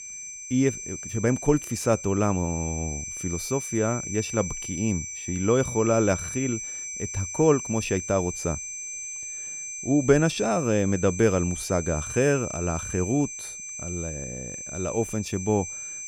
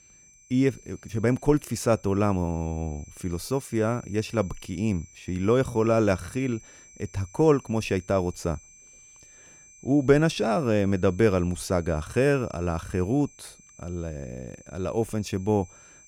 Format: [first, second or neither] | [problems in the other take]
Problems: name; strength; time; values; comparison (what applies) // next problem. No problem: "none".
second | high-pitched whine; loud; throughout; 6 kHz, 7 dB below the speech; faint in the second